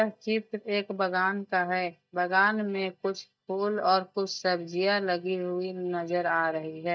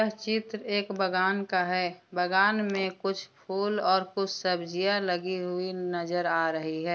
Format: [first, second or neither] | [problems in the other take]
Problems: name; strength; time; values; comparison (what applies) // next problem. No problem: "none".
second | noise reduction (neural mask model DeepFilterNet 3)